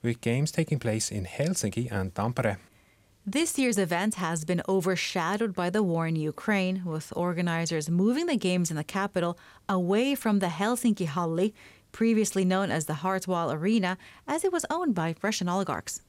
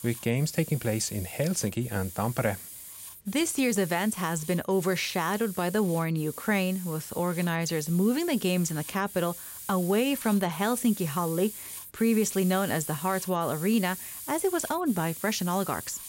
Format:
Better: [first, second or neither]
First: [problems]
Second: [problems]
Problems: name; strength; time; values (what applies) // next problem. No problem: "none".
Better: first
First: none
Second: hiss; noticeable; throughout; 10 dB below the speech